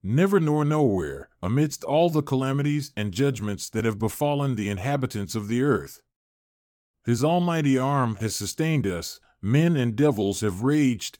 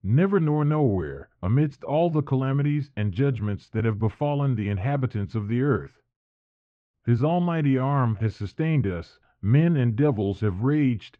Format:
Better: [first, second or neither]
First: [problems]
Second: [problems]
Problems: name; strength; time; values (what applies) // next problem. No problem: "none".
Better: first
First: none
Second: muffled; very; fading above 2.5 kHz